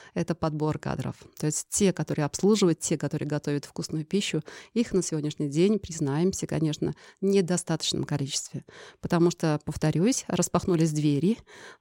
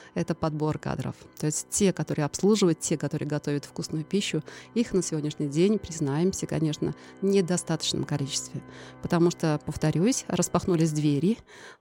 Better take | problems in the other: first | background music; faint; throughout; 25 dB below the speech

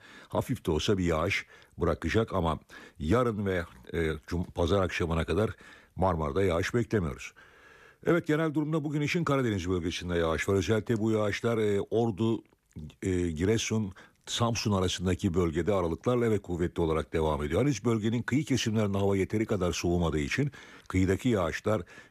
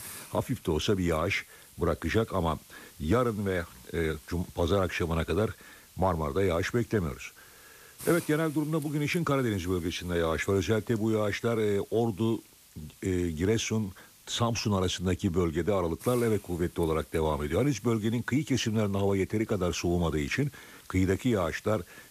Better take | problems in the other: first | hiss; faint; throughout; 20 dB below the speech

